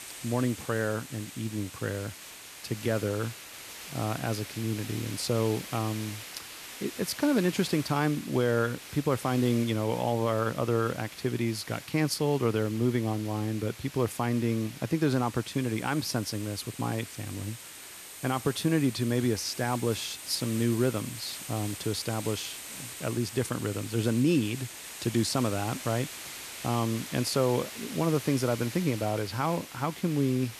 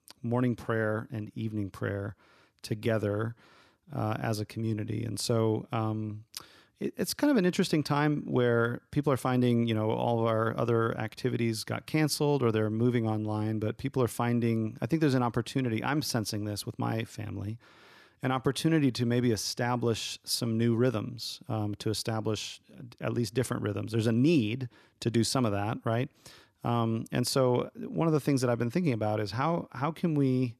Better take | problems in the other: second | hiss; noticeable; throughout; 10 dB below the speech

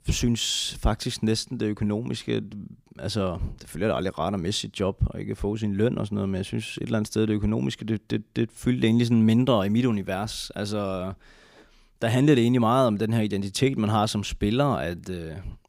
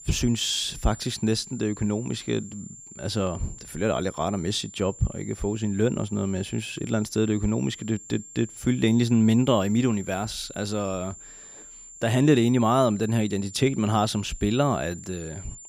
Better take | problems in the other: first | high-pitched whine; noticeable; throughout; 7.5 kHz, 15 dB below the speech

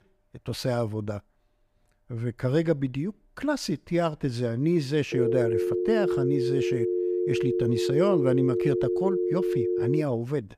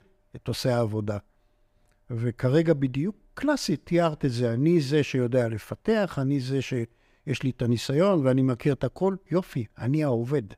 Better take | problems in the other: second | phone ringing; loud; from 5 to 10 s; peak 3 dB above the speech

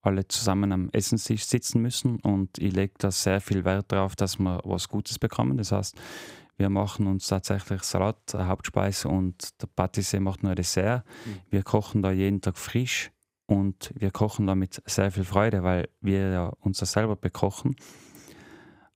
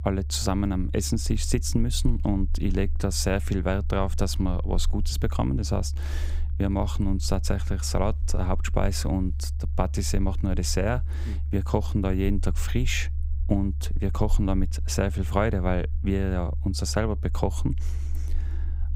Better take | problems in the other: first | low rumble; noticeable; throughout; 20 dB below the speech

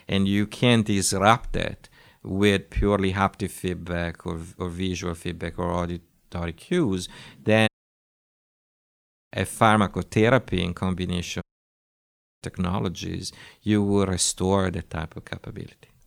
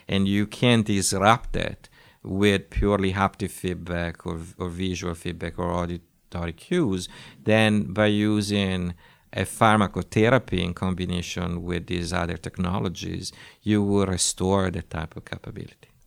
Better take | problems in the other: second | audio cutting out; at 7.5 s for 1.5 s and at 11 s for 1 s

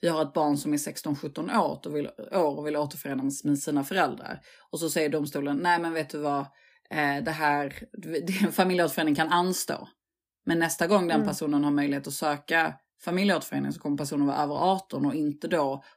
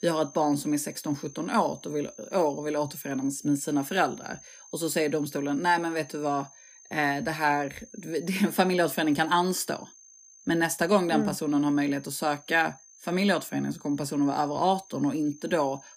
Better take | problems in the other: first | high-pitched whine; faint; throughout; 6.5 kHz, 20 dB below the speech

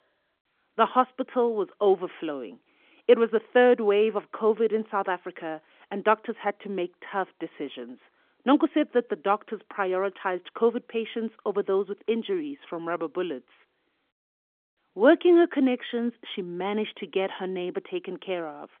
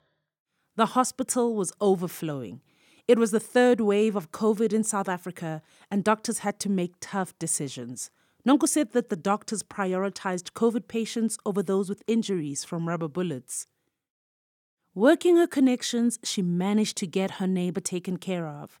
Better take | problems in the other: second | phone-call audio; nothing above 3.5 kHz

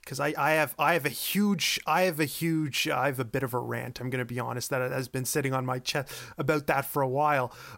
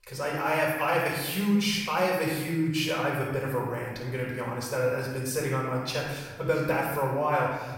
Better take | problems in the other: first | off-mic speech; far // room echo; noticeable; dies away in 1.1 s

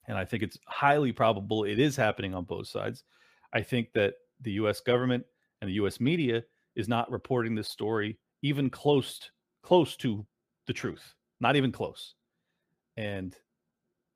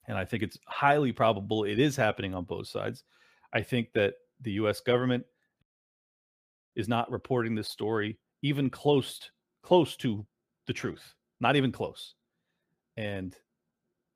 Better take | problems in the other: first | audio cutting out; at 5.5 s for 1 s

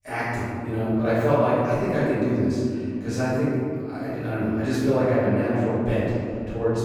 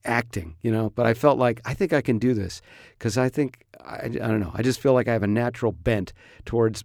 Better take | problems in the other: second | room echo; strong; dies away in 2.5 s // off-mic speech; far

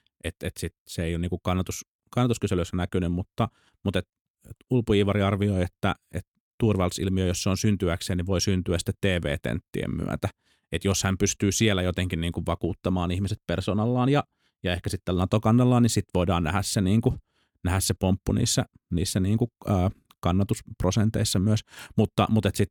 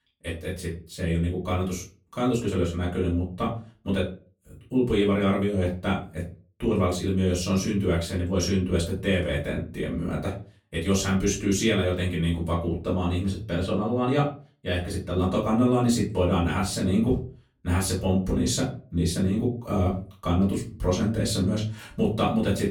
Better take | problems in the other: first | off-mic speech; far // room echo; slight; dies away in 0.3 s

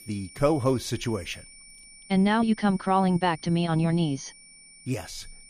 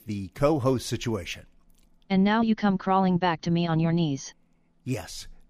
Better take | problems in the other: second | high-pitched whine; faint; throughout; 2.5 kHz, 20 dB below the speech

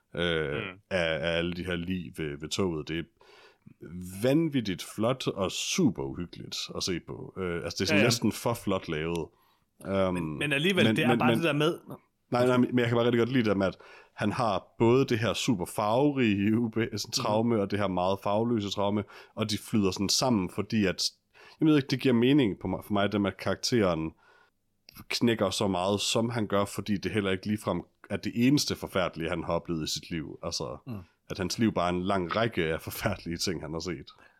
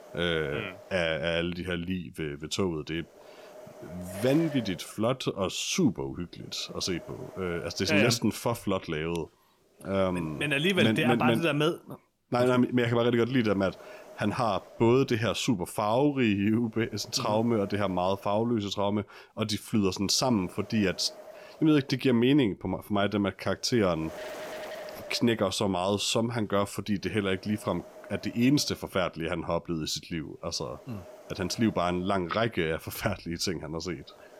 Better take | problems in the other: first | wind noise on the microphone; occasional gusts; 15 dB below the speech

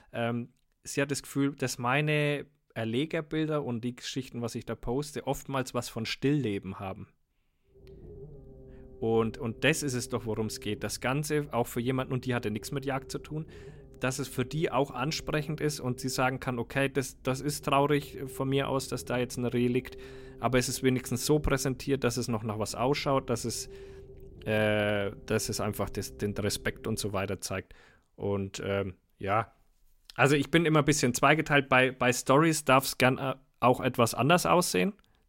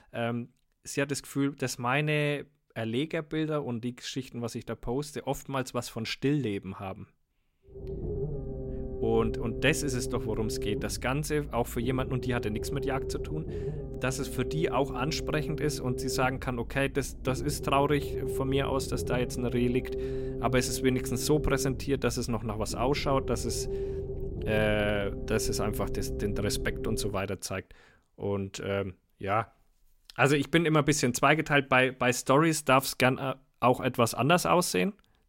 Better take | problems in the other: first | low rumble; loud; from 8 to 27 s; 10 dB below the speech; faint in the first

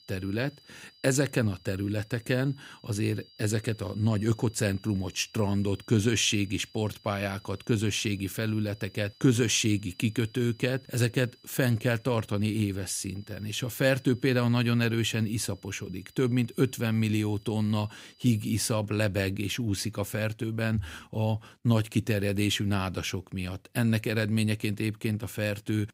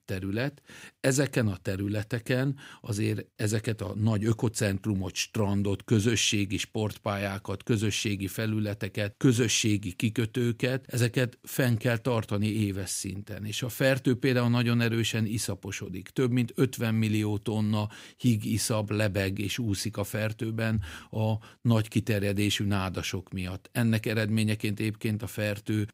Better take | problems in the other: second | high-pitched whine; faint; until 19 s; 5 kHz, 25 dB below the speech

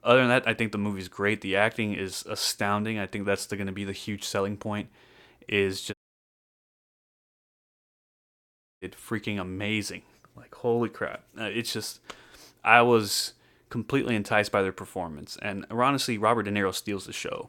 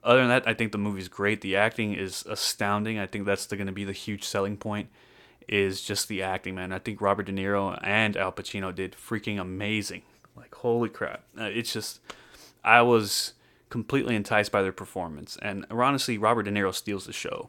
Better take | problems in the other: second | audio cutting out; at 6 s for 3 s

